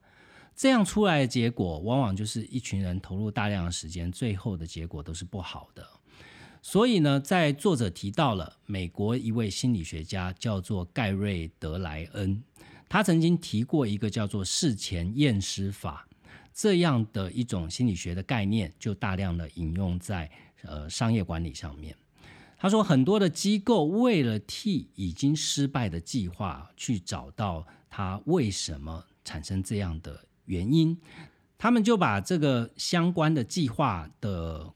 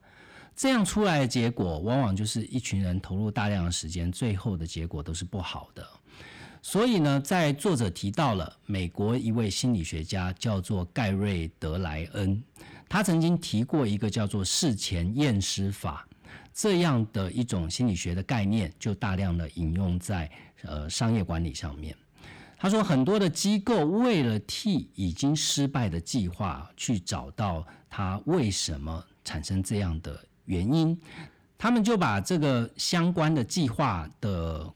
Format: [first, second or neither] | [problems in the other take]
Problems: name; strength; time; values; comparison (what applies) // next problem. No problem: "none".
first | distortion; slight; 10 dB below the speech